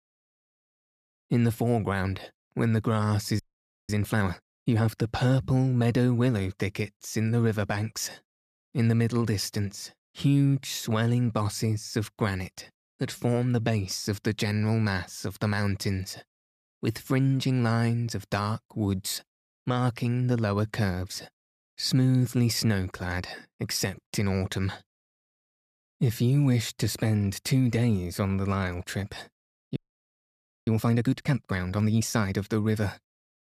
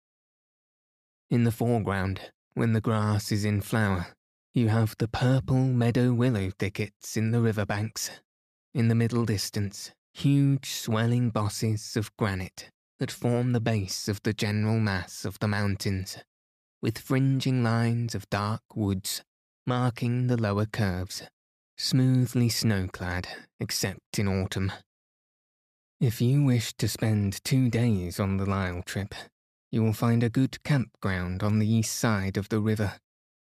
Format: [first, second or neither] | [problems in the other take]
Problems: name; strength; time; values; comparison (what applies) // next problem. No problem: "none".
second | audio freezing; at 3.5 s for 0.5 s and at 30 s for 1 s